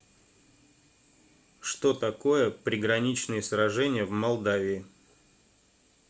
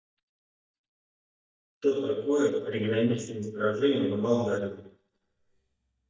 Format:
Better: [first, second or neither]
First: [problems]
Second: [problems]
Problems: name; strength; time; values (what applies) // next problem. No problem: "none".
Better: first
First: none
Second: noise reduction (neural mask model DeepFilterNet 3)